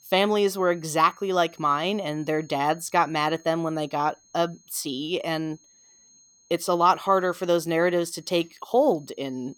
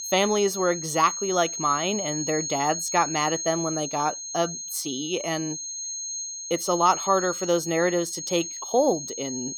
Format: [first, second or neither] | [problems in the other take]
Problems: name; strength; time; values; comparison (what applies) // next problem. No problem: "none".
first | high-pitched whine; loud; throughout; 6.5 kHz, 5 dB below the speech; faint in the first